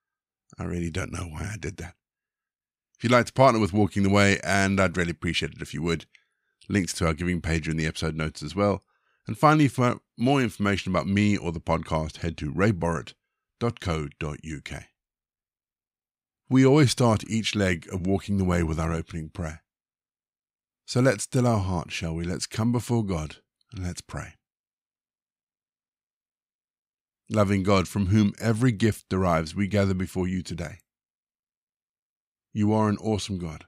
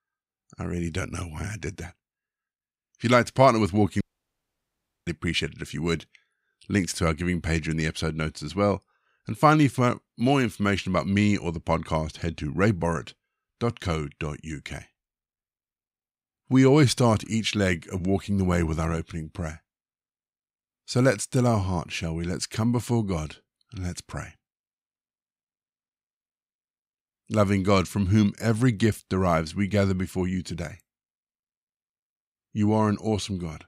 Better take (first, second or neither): first